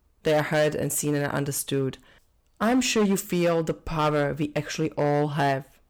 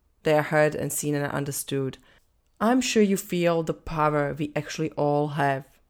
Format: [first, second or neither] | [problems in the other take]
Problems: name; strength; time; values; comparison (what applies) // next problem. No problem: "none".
second | distortion; slight; 7% of the sound clipped